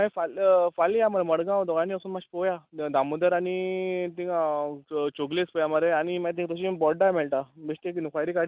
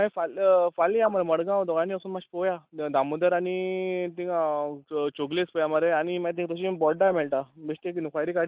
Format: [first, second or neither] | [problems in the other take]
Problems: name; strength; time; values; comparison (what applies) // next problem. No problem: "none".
first | noise reduction (neural mask model Resemble Enhance denoiser)